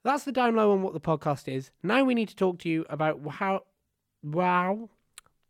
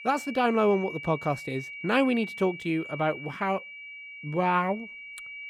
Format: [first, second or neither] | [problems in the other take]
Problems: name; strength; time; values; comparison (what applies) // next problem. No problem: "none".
first | high-pitched whine; noticeable; throughout; 2.5 kHz, 10 dB below the speech